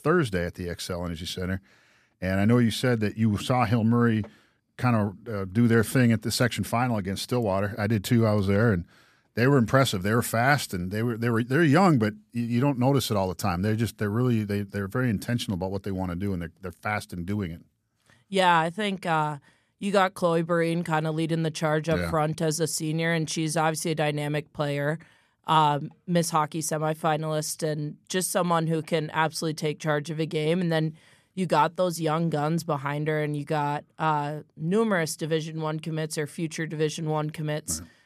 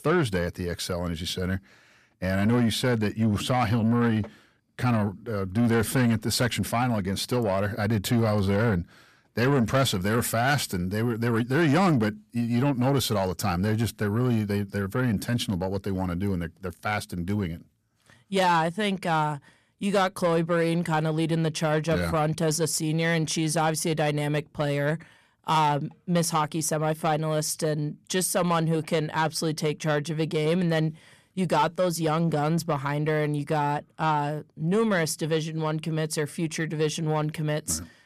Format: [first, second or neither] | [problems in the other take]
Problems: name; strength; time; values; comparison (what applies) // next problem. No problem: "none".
first | distortion; slight; 10 dB below the speech